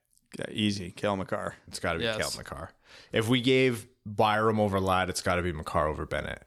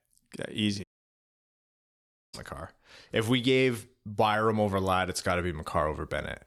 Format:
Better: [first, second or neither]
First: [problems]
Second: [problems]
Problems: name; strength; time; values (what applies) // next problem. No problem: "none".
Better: first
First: none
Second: audio cutting out; at 1 s for 1.5 s